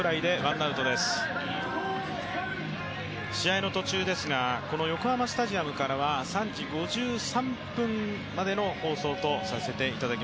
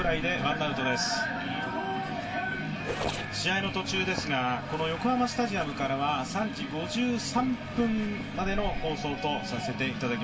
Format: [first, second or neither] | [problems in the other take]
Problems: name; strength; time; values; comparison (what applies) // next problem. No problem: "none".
first | background sound (Zipper (clothing)); 12 dB below the speech // room echo; dies away in 0.2 s